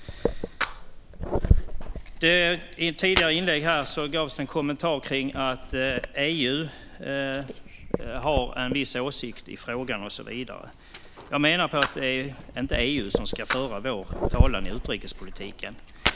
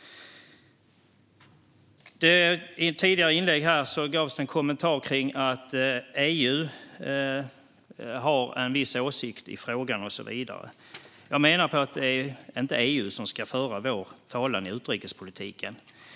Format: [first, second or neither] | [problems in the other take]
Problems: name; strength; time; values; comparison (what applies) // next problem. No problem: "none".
second | background sound (Fire); 2 dB below the speech